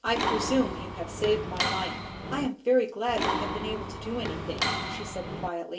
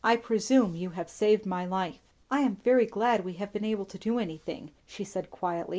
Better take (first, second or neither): second